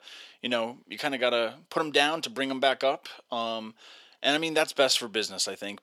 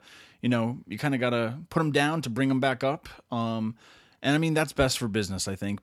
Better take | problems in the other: second | thin; somewhat; fading below 450 Hz

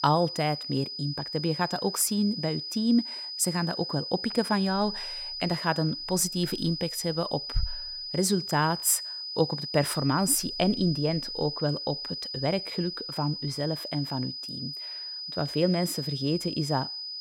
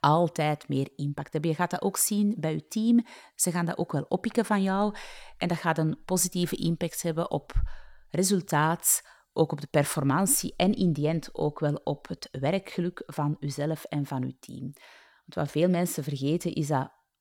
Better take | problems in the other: second | high-pitched whine; loud; throughout; 5 kHz, 6 dB below the speech

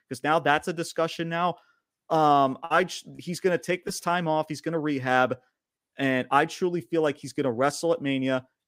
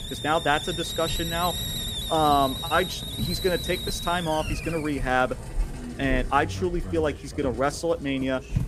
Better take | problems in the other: first | hiss; loud; throughout; 5 dB below the speech

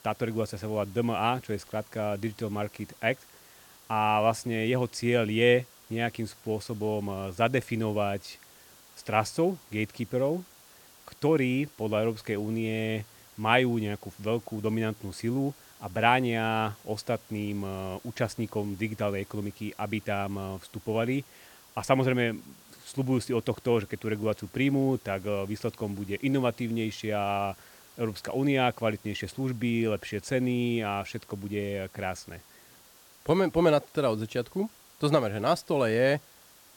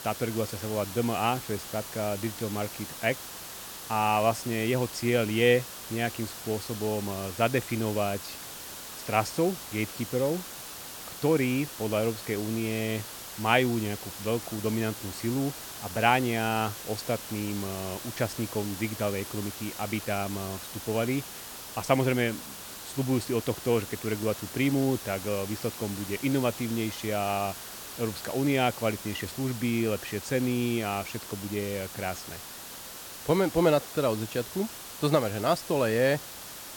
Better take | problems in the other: first | hiss; loud; throughout; 9 dB below the speech; faint in the first

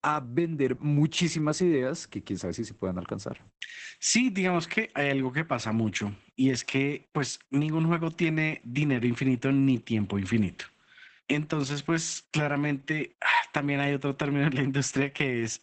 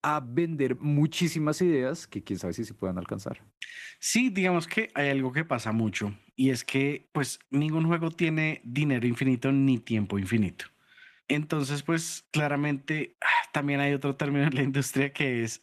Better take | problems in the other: second | garbled, watery; badly; nothing above 8 kHz; slightly in the second

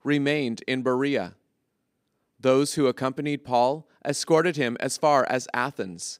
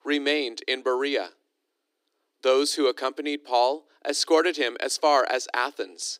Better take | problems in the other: first | thin; very slightly; fading below 300 Hz

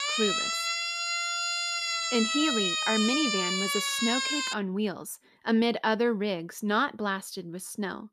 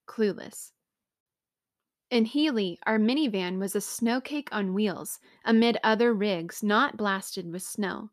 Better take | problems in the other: second | siren; loud; until 4.5 s; peak 3 dB above the speech

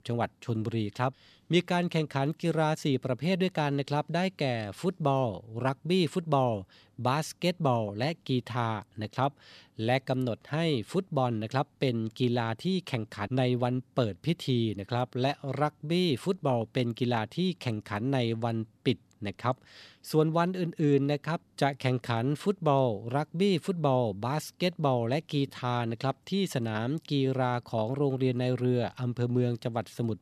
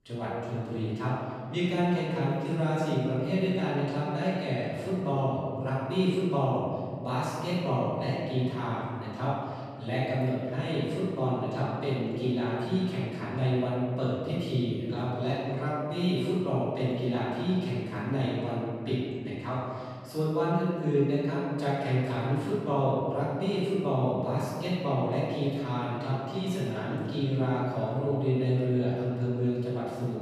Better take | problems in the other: first | off-mic speech; far // room echo; strong; dies away in 2 s

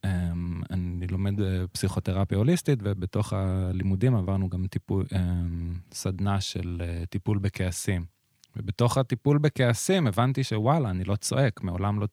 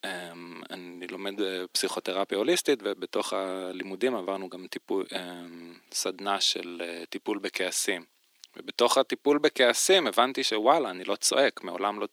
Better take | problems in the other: first | thin; very; fading below 300 Hz

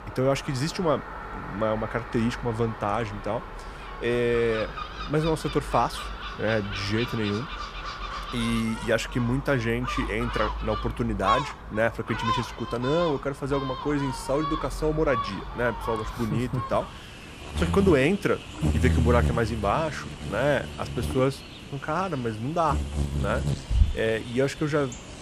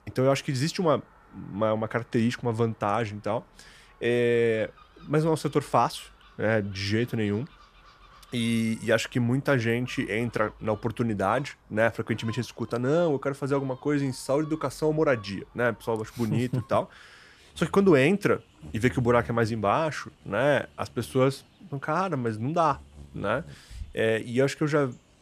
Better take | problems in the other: second | animal sounds; loud; throughout; 6 dB below the speech; faint in the second

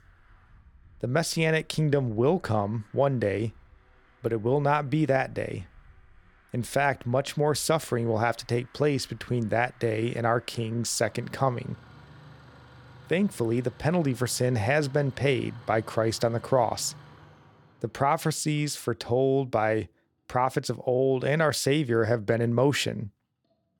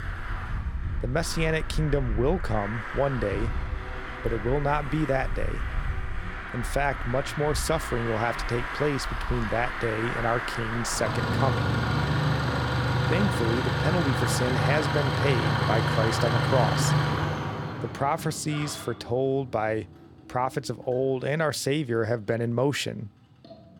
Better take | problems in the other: first | traffic noise; loud; throughout; 1 dB below the speech; faint in the first

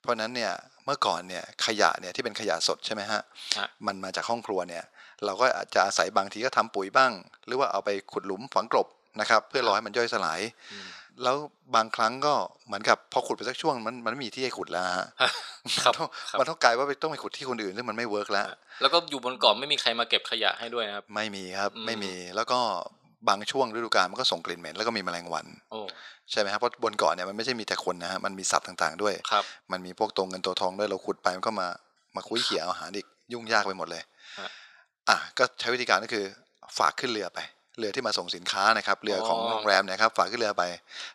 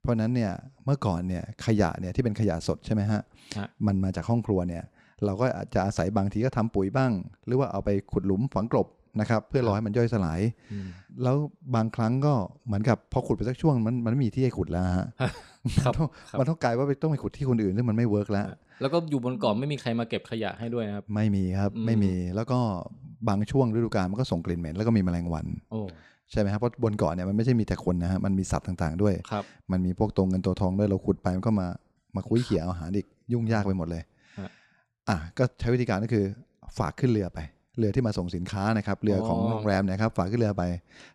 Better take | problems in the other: second | thin; very; fading below 750 Hz

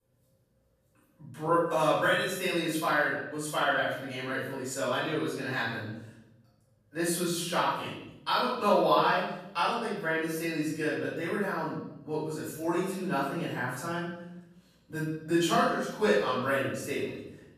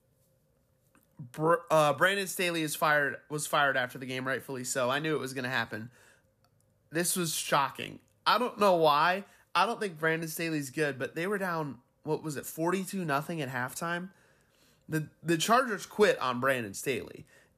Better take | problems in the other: second | room echo; noticeable; dies away in 0.9 s // off-mic speech; far

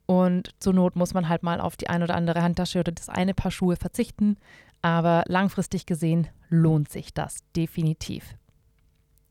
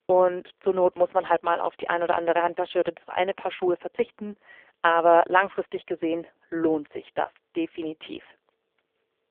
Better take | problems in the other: first | phone-call audio; poor line

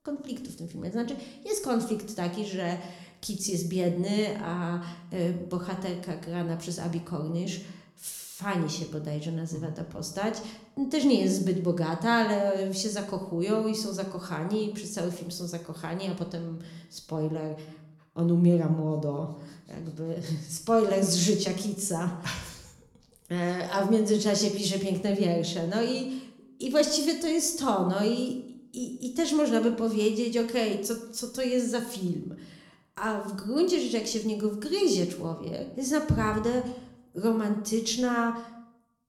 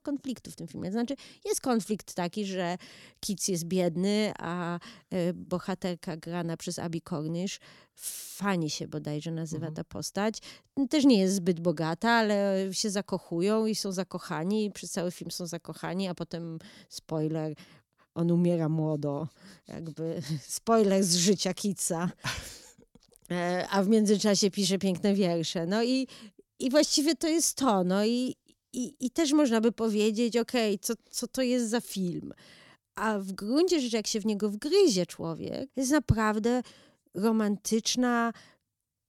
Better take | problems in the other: second | room echo; slight; dies away in 0.6 s

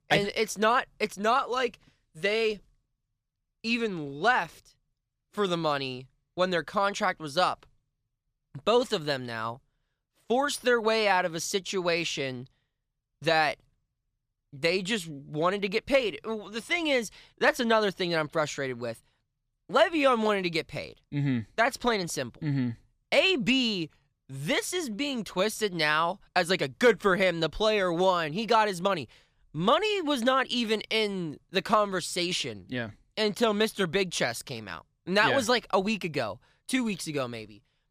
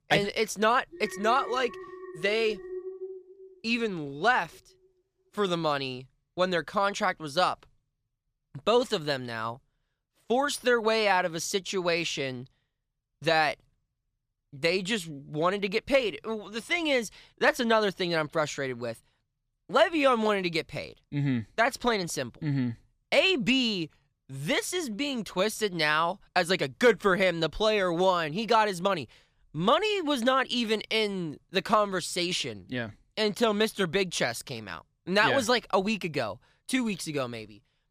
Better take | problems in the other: first | alarm; faint; from 1 to 3.5 s; peak 10 dB below the speech

